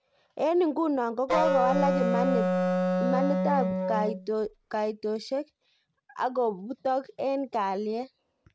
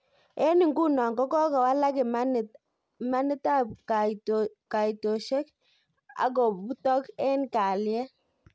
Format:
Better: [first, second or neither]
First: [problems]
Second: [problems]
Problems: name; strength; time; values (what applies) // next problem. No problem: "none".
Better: second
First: background sound (Wind instrument, woodwind instrument); 2 dB above the speech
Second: none